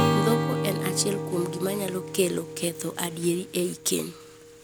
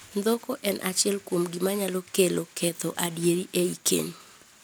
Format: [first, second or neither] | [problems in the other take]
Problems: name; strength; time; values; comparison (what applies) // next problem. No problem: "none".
second | background sound (Acoustic guitar / Strum); 1 dB below the speech